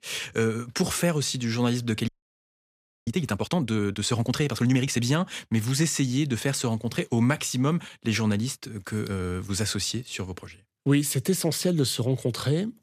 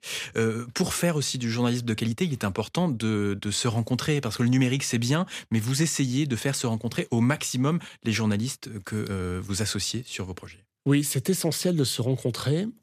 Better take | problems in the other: second | audio freezing; at 2 s for 1 s

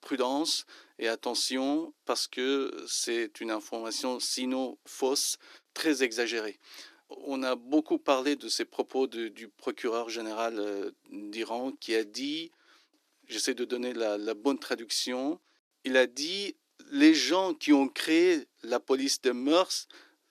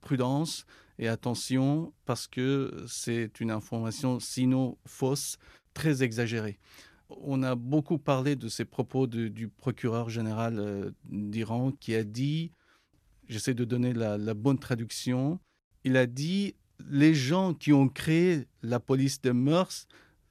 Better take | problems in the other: second | thin; somewhat; fading below 300 Hz

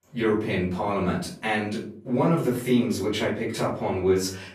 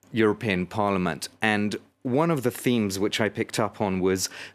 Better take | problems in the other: second | off-mic speech; far // room echo; slight; dies away in 0.4 s

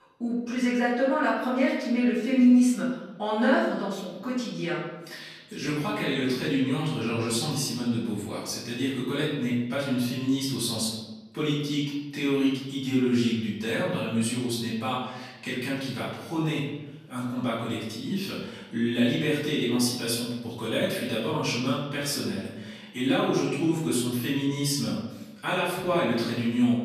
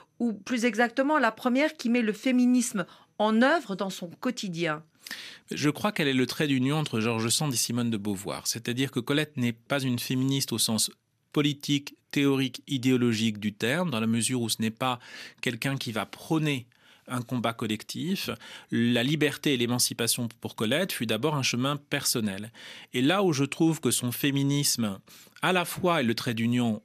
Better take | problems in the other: second | off-mic speech; far // room echo; noticeable; dies away in 0.9 s

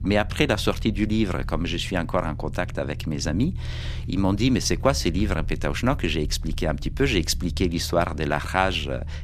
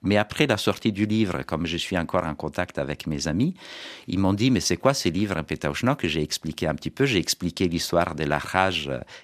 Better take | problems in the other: second | low rumble; faint; throughout; 25 dB below the speech

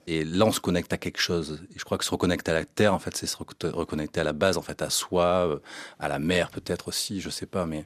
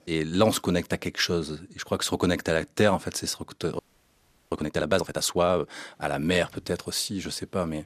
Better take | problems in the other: first | audio freezing; at 4 s for 0.5 s

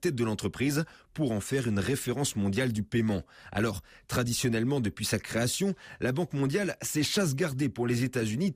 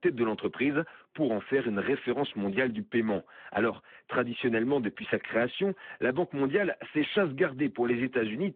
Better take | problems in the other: first | phone-call audio

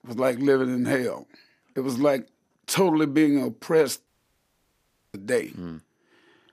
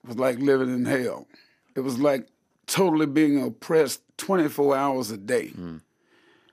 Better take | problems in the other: second | audio cutting out; at 4 s for 1 s

